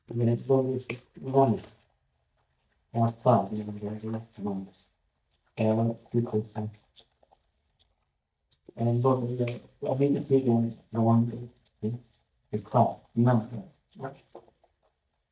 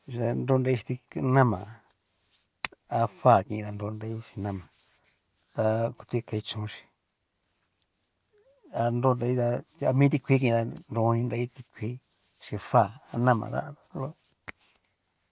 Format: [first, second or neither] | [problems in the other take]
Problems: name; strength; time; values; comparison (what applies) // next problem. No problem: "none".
second | noise reduction (neural mask model DeepFilterNet 3)